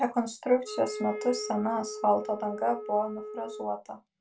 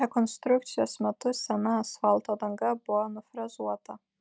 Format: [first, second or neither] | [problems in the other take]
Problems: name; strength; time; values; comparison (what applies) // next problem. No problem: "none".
second | background sound (Wind instrument, woodwind instrument); 10 dB below the speech // room echo; dies away in 0.2 s